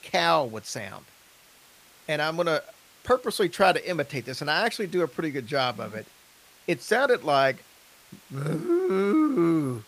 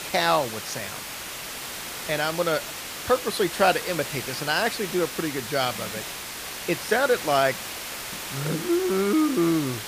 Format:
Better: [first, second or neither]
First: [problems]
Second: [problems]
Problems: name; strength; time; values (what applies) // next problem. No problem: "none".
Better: first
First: hiss; faint; throughout; 25 dB below the speech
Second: hiss; loud; throughout; 7 dB below the speech